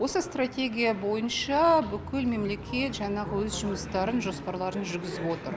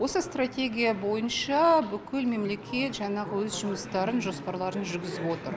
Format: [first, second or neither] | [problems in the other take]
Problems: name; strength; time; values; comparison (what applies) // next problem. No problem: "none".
second | background sound (Engine starting / Accelerating, revving, vroom / Motor vehicle (road)); 16 dB below the speech